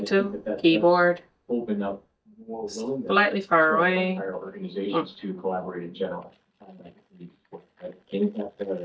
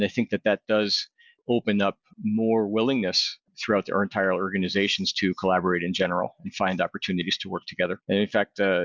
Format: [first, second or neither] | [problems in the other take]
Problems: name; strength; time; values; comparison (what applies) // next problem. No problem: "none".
second | noise reduction (neural mask model DeepFilterNet 3)